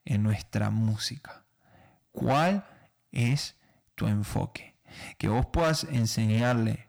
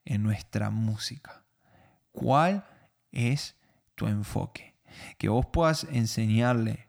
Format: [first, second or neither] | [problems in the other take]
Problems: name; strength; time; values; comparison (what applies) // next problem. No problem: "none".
second | distortion; slight; 7% of the sound clipped